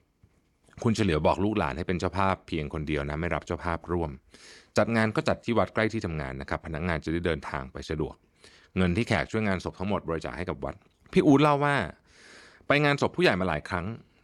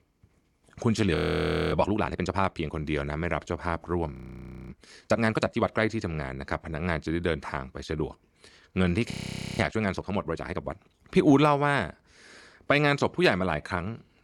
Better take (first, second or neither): first